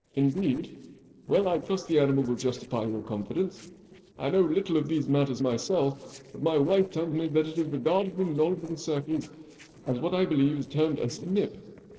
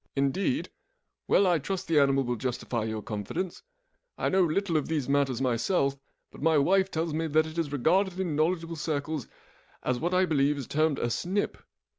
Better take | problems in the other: second | noise reduction (neural separator model SepFormer DNS4)

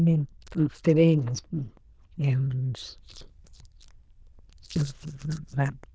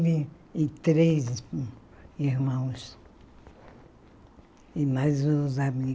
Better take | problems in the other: second | noise reduction (neural diffusion model UNIVERSE++)

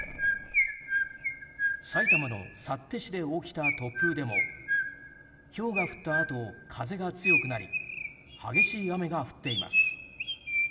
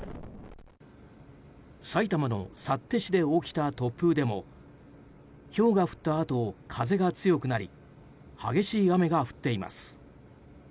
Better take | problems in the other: second | background sound (Chirp, tweet); 5 dB above the speech // room echo; dies away in 1.3 s

